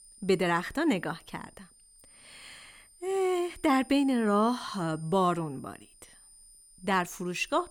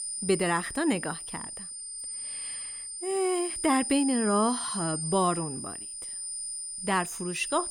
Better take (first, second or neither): first